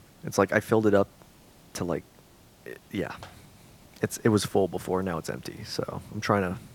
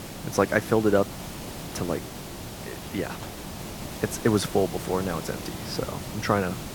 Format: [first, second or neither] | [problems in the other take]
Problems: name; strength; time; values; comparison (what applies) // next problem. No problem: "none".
first | hiss; loud; throughout; 9 dB below the speech; faint in the first